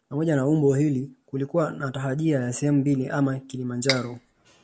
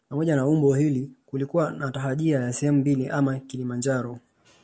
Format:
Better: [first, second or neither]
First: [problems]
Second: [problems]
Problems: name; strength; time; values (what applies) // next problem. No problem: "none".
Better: second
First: background sound (Cutlery, silverware); 7 dB below the speech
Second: none